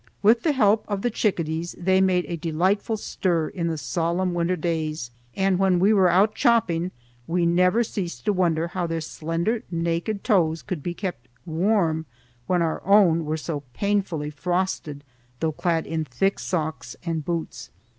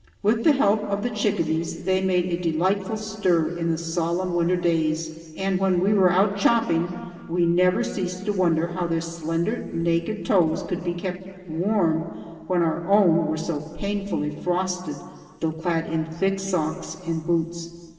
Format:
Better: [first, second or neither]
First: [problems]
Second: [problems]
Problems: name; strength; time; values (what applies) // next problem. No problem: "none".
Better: first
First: none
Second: room echo; dies away in 2 s